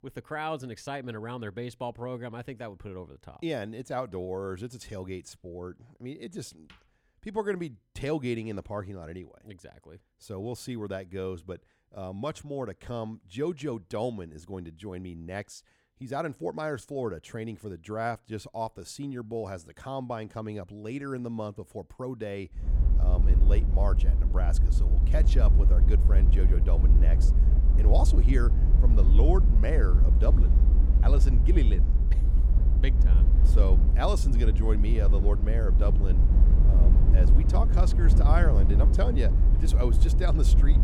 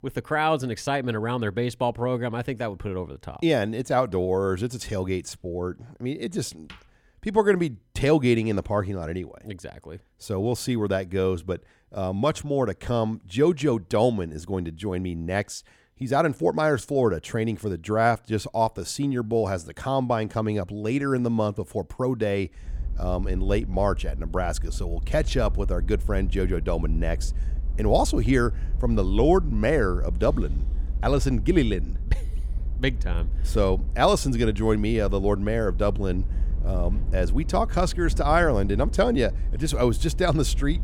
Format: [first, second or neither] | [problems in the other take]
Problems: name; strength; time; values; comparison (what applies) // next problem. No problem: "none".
second | low rumble; loud; from 23 s on; 6 dB below the speech; faint in the second